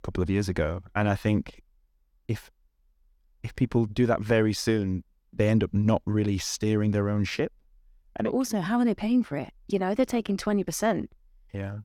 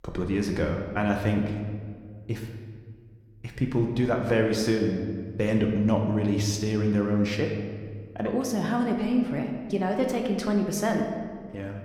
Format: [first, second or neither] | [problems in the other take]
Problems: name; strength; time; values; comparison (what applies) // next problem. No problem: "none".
first | room echo; slight; dies away in 1.4 s